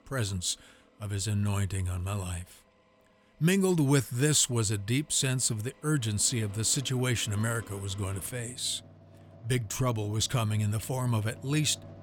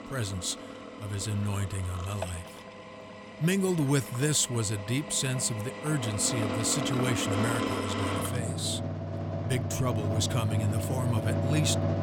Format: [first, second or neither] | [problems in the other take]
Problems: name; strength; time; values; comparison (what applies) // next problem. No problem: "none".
first | machinery noise; loud; throughout; 4 dB below the speech; faint in the first